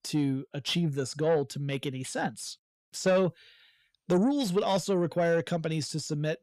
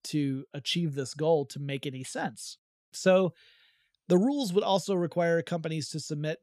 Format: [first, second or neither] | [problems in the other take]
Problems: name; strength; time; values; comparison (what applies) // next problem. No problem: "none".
second | distortion; slight; 10 dB below the speech